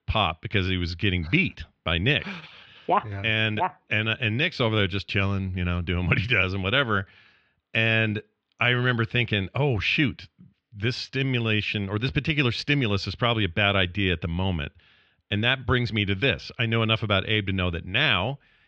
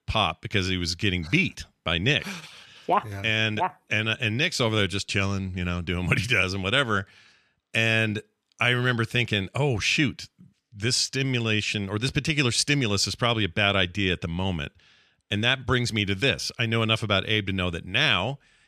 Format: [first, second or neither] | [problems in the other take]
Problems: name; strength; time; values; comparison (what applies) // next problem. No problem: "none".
second | muffled; slightly; fading above 3.5 kHz